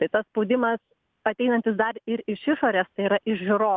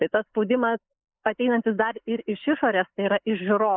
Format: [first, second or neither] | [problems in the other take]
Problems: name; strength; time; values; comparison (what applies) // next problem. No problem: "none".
first | noise reduction (neural mask model Resemble Enhance denoiser)